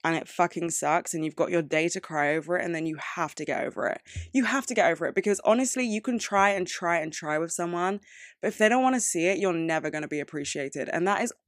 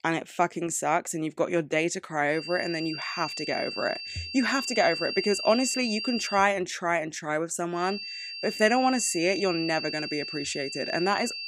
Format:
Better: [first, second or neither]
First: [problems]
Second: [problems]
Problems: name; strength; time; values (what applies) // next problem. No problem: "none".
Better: first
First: none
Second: high-pitched whine; loud; from 2.5 to 6.5 s and from 8 s on; 4.5 kHz, 6 dB below the speech